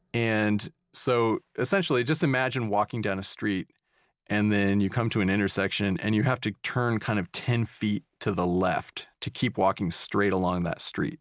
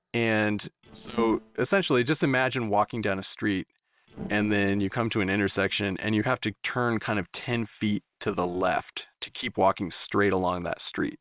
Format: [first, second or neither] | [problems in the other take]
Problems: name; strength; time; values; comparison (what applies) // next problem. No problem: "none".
first | noise reduction (neural separator model SepFormer WHAM!)